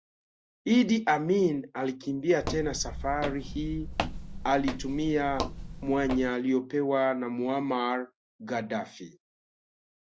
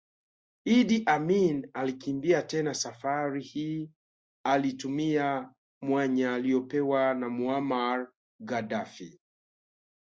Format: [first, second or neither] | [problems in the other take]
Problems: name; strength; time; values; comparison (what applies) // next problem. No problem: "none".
second | background sound (Walk, footsteps); 6 dB below the speech